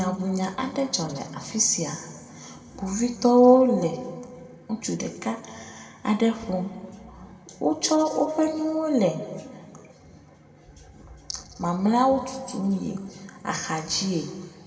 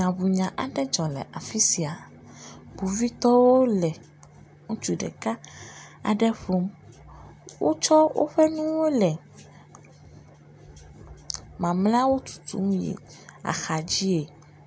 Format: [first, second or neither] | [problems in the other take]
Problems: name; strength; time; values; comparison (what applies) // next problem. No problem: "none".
second | room echo; dies away in 1.6 s